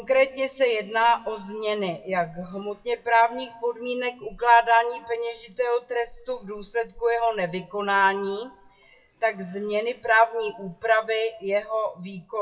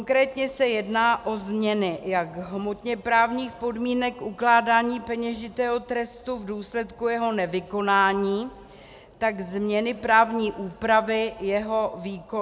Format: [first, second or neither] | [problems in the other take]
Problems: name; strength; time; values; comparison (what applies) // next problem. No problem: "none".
second | noise reduction (classical method WPE with log-MMSE)